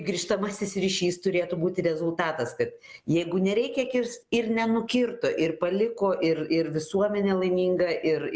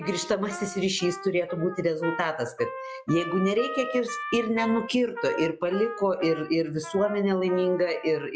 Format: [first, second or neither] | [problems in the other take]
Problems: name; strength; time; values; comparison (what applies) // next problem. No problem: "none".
first | noise reduction (classical method log-MMSE)